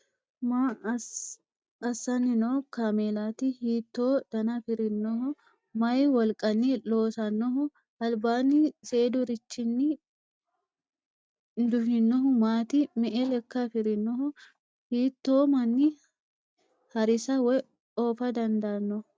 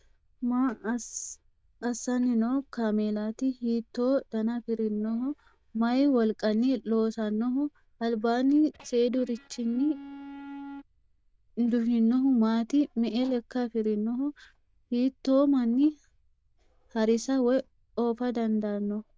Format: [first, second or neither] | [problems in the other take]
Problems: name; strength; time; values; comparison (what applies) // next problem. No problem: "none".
first | noise reduction (neural diffusion model UNIVERSE++)